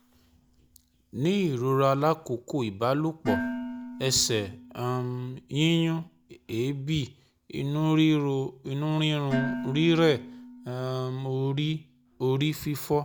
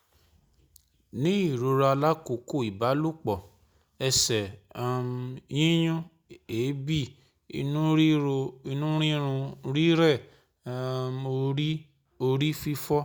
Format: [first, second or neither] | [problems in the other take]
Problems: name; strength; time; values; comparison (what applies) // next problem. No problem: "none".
second | background sound (Dishes, pots, and pans); 12 dB below the speech